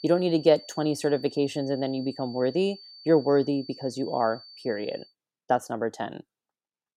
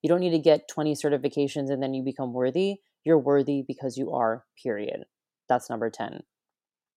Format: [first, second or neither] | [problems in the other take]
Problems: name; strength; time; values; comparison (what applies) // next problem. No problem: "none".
second | high-pitched whine; noticeable; until 5 s; 4.5 kHz, 20 dB below the speech